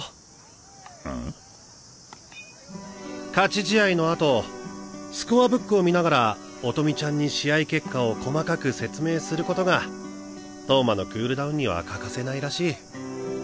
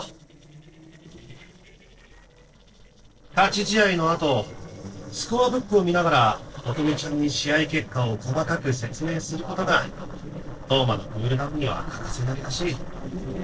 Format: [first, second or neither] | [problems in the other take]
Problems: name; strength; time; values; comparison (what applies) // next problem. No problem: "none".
first | noise reduction (neural separator model SepFormer DNS4)